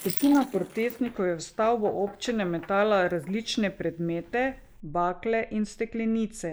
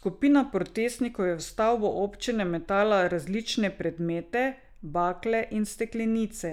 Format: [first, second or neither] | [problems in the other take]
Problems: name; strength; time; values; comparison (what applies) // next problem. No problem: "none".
second | noise reduction (neural mask model Resemble Enhance denoiser)